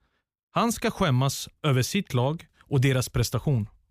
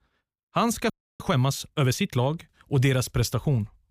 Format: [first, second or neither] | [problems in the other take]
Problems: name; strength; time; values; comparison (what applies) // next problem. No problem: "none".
first | audio freezing; at 1 s